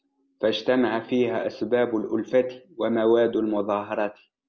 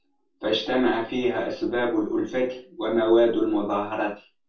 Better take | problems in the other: first | room echo; dies away in 0.2 s

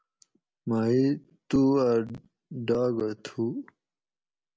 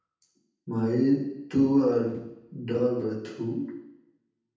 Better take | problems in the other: first | room echo; dies away in 0.8 s

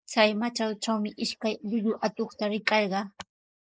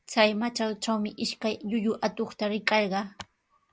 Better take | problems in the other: second | noise reduction (neural mask model Resemble Enhance denoiser)

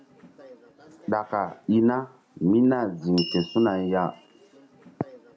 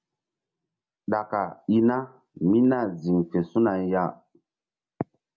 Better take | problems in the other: second | background sound (Door / Bell); 18 dB below the speech

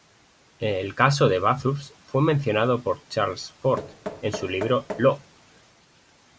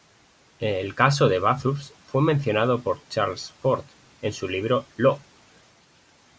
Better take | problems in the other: second | background sound (Knock); 14 dB below the speech

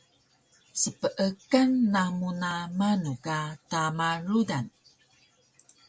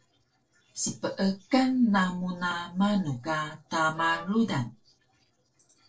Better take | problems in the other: first | noise reduction (neural separator model SepFormer DNS4)

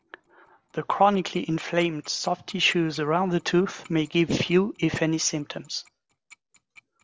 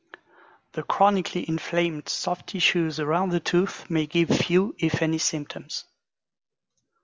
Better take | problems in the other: second | noise reduction (neural separator model SepFormer DNS4)

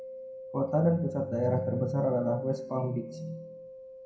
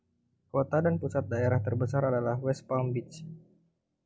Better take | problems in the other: second | background sound (Mallet percussion); 9 dB below the speech // room echo; dies away in 0.5 s

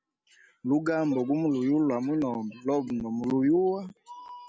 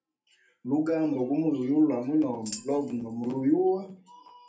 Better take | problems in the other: first | background sound (Tambourine); 17 dB below the speech // room echo; dies away in 0.3 s

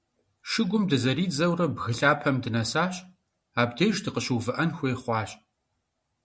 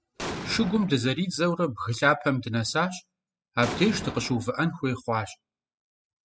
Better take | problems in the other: first | noise reduction (classical method spectral subtraction)

